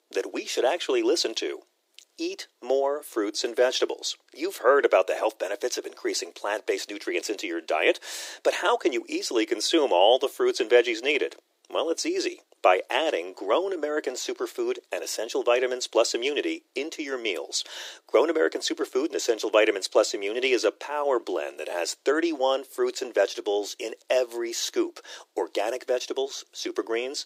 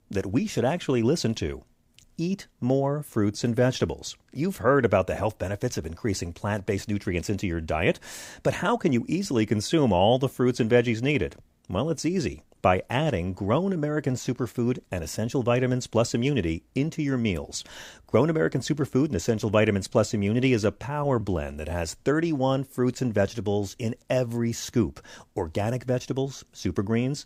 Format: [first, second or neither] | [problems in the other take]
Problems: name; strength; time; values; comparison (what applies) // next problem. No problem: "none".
second | thin; very; fading below 350 Hz